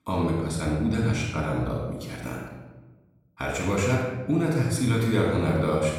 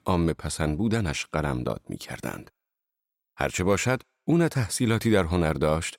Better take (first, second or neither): second